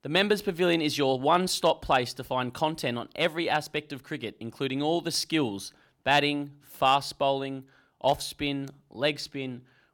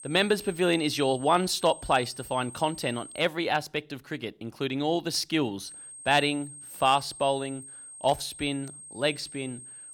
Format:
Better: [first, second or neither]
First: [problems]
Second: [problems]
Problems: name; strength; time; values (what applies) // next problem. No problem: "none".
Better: first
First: none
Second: high-pitched whine; noticeable; until 3 s and from 5.5 s on; 8.5 kHz, 15 dB below the speech